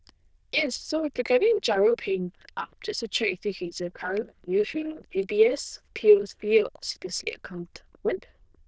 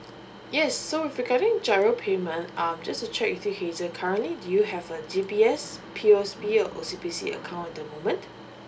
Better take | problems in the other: second | noise reduction (neural diffusion model UNIVERSE++)

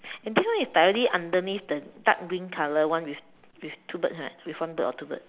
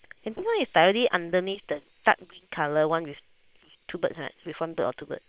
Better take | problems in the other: first | noise reduction (neural separator model SepFormer WHAM!)

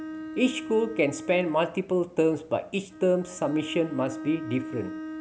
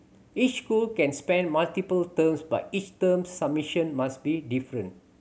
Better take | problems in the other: second | background sound (Bowed string instrument); 11 dB below the speech

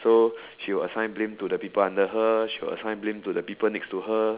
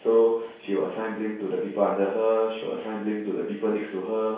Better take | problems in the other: first | room echo; dies away in 0.6 s

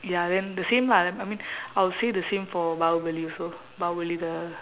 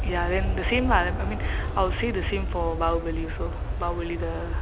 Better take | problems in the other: first | background sound (Aircraft); as loud as the speech

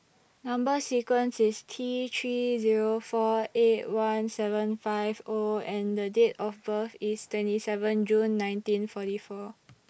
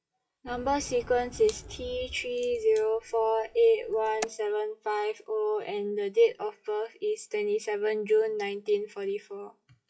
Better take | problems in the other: first | noise reduction (classical method WPE with log-MMSE)

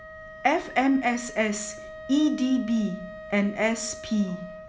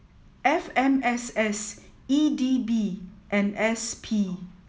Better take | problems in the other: second | background sound (Wind instrument, woodwind instrument); 15 dB below the speech

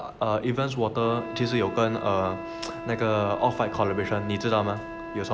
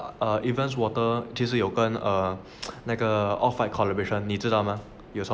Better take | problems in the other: second | background sound (Wind instrument, woodwind instrument); 11 dB below the speech

